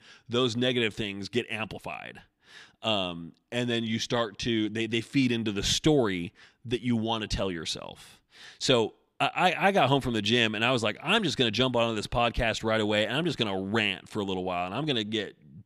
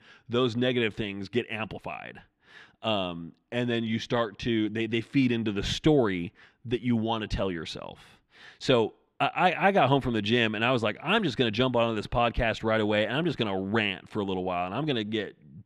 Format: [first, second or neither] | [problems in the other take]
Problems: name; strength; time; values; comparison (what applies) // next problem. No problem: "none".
first | muffled; slightly; fading above 4 kHz